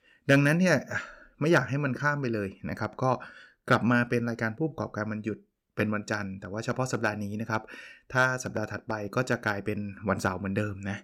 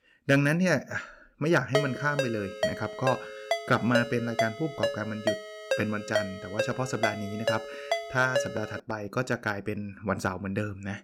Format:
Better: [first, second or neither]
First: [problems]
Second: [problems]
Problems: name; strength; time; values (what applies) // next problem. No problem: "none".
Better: first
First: none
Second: phone ringing; loud; from 1.5 to 8.5 s; peak level with the speech